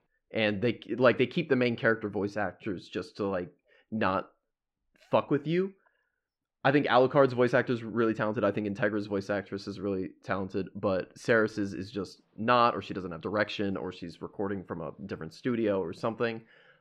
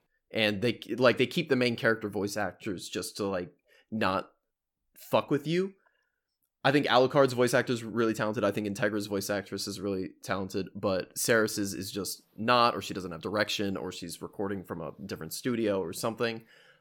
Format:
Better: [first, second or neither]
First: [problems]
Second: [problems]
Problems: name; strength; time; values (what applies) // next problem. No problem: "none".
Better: second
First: muffled; slightly; fading above 2.5 kHz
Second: none